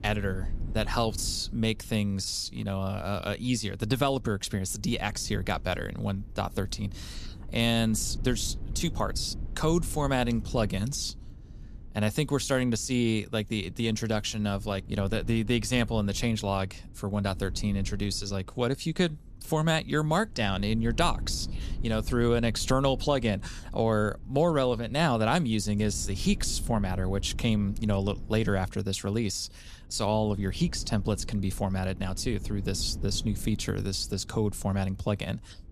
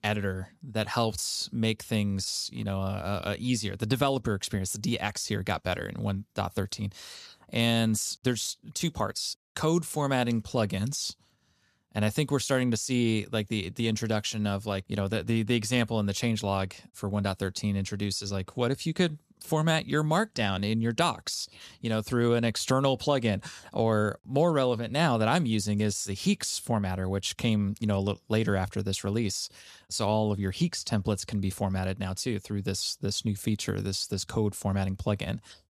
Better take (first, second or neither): second